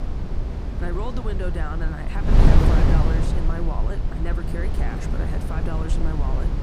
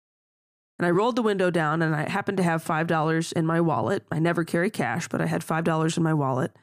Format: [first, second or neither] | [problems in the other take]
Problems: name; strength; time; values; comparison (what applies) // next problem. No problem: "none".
second | wind noise on the microphone; heavy; 1 dB above the speech